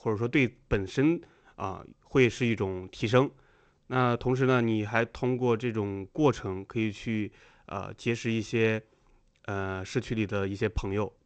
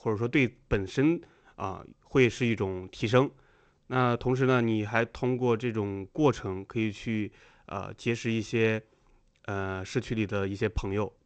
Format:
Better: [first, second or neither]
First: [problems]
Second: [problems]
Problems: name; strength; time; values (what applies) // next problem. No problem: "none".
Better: neither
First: garbled, watery; slightly; nothing above 7.5 kHz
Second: garbled, watery; slightly; nothing above 7.5 kHz